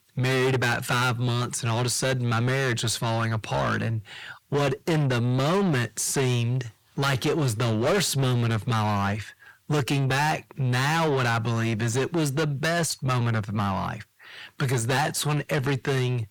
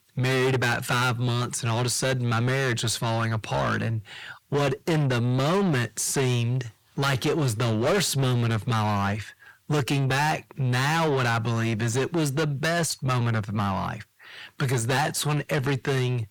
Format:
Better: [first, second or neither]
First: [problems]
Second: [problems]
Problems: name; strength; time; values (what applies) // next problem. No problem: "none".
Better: neither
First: distortion; heavy; 6 dB below the speech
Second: distortion; heavy; 6 dB below the speech